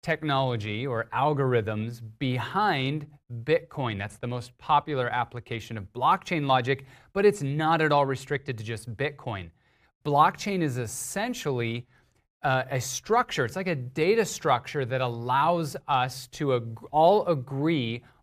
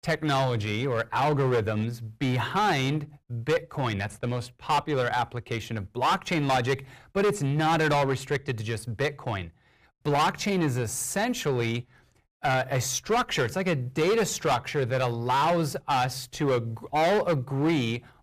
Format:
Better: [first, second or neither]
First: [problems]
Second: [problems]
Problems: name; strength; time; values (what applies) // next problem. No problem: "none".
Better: first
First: none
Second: distortion; heavy; 11% of the sound clipped